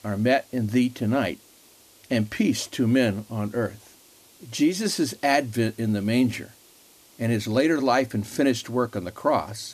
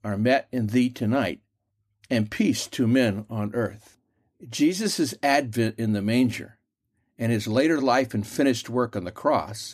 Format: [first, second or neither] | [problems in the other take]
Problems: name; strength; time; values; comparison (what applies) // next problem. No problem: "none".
second | hiss; faint; throughout; 25 dB below the speech